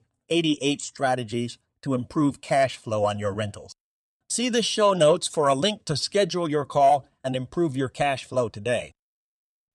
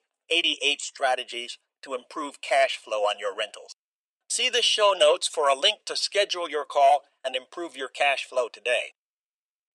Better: first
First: none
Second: thin; very; fading below 450 Hz

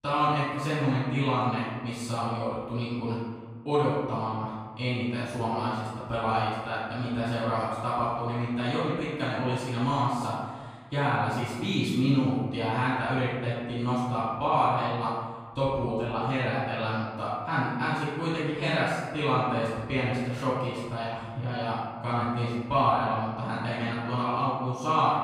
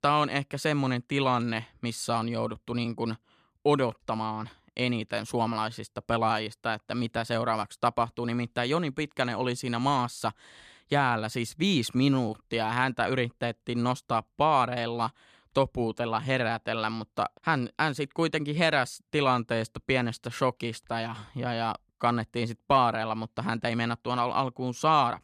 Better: second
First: off-mic speech; far // room echo; strong; dies away in 1.4 s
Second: none

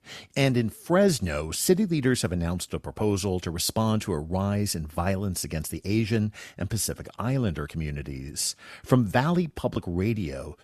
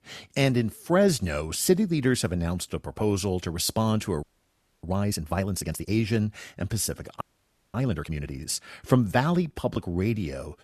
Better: first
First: none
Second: audio freezing; at 4 s for 0.5 s and at 7 s for 0.5 s

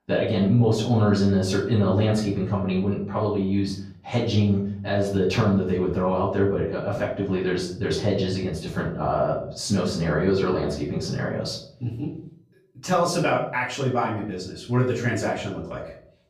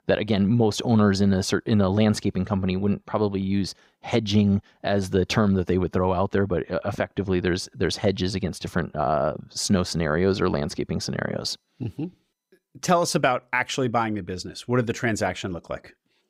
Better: second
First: off-mic speech; far // room echo; noticeable; dies away in 0.5 s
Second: none

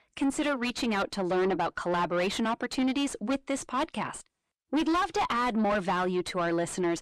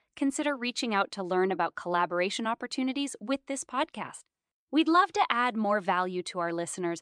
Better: second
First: distortion; heavy; 6 dB below the speech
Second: none

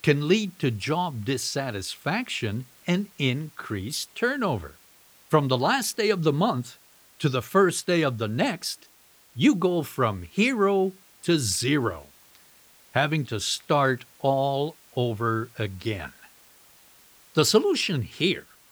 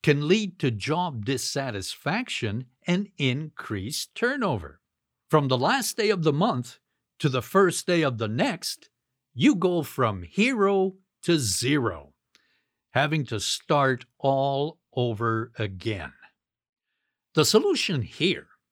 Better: second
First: hiss; faint; throughout; 25 dB below the speech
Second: none

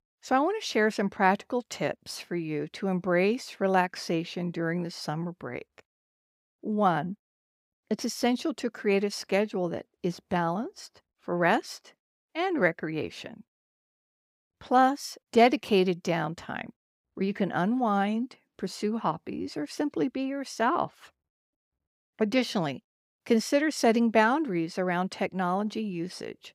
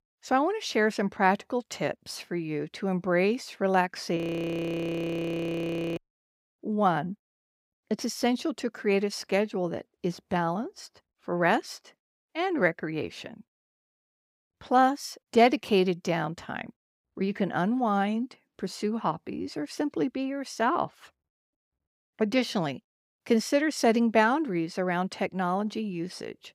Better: first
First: none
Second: audio freezing; at 4 s for 2 s

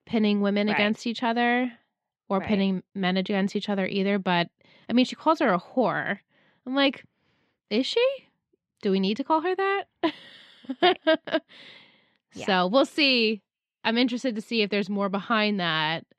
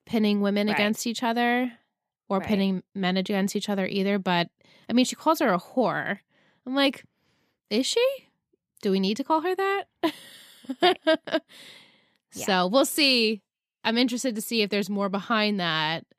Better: second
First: muffled; very slightly; fading above 3 kHz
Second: none

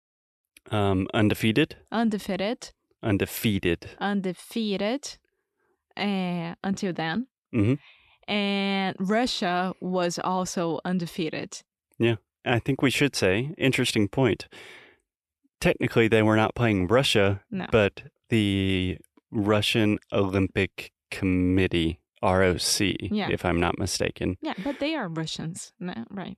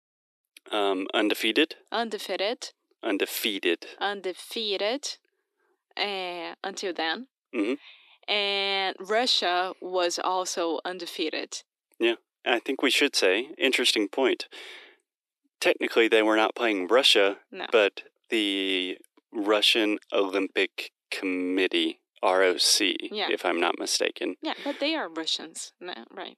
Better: first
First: none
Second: thin; somewhat; fading below 300 Hz

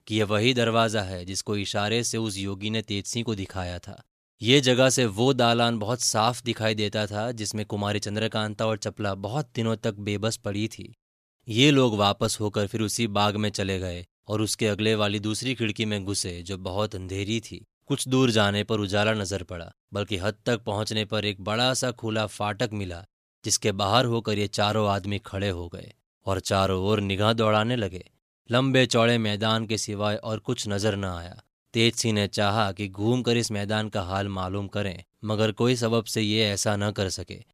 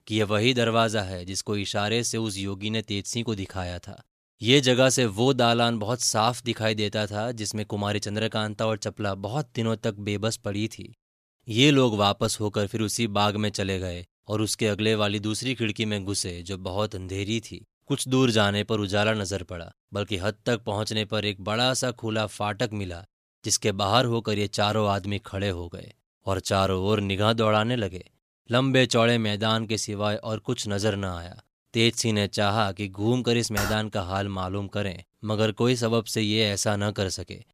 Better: first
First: none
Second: keyboard typing; noticeable; at 34 s; peak 5 dB below the speech

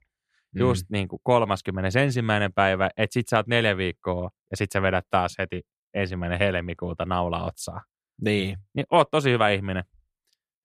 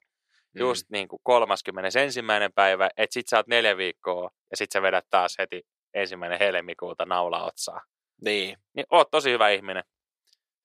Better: first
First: none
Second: thin; very; fading below 500 Hz

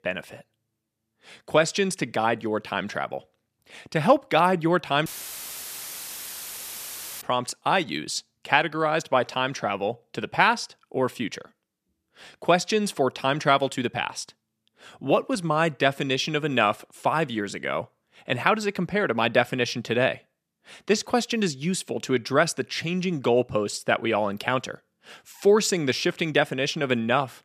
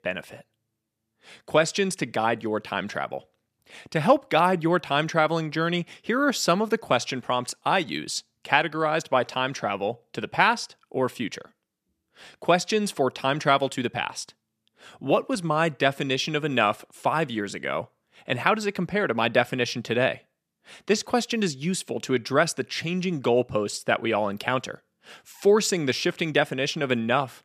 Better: second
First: audio cutting out; filled with static; at 5 s for 2 s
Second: none

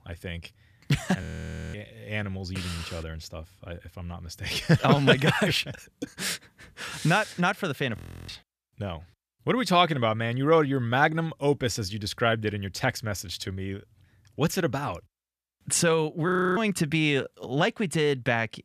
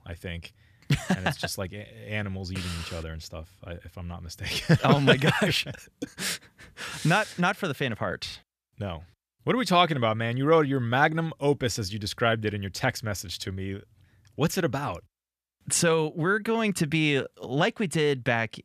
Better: second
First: audio freezing; at 1 s for 0.5 s, at 8 s and at 16 s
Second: none

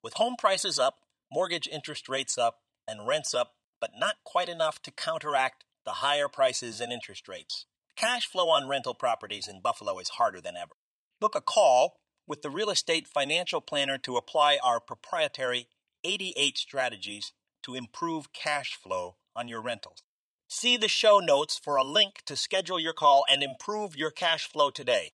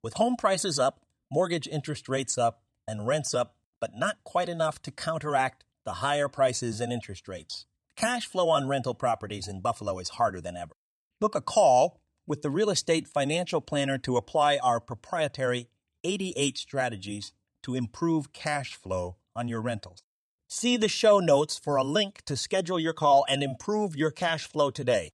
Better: second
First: thin; somewhat; fading below 1 kHz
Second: none

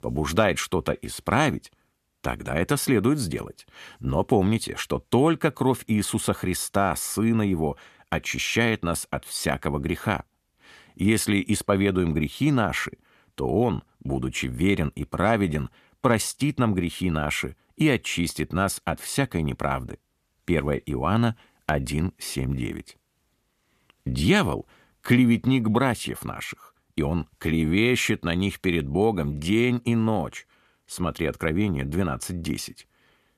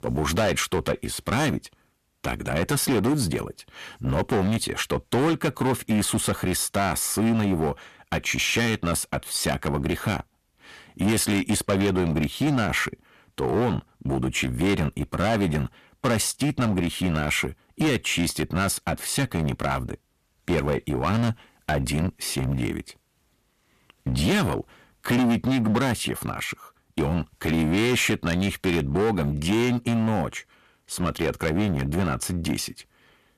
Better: first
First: none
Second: distortion; heavy; 12% of the sound clipped

